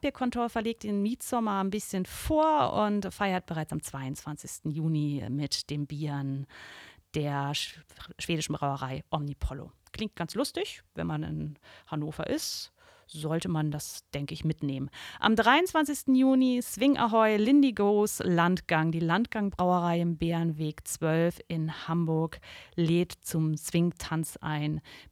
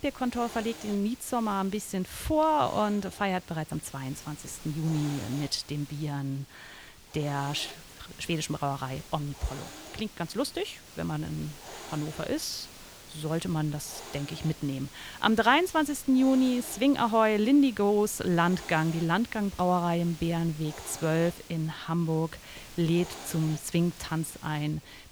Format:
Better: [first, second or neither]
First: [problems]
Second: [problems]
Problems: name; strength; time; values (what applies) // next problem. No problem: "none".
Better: first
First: none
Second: hiss; noticeable; throughout; 15 dB below the speech